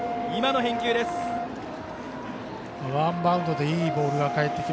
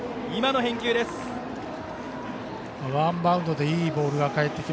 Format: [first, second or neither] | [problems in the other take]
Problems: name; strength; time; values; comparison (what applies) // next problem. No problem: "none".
second | background sound (Brass instrument); 6 dB below the speech